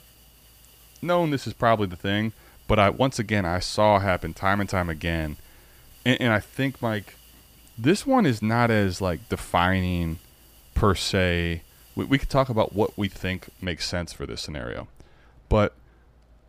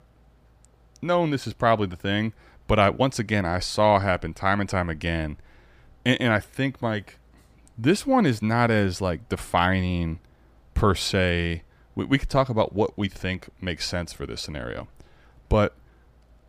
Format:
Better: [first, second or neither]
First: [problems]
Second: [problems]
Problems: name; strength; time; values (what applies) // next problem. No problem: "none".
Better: second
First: hiss; faint; until 14 s; 30 dB below the speech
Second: none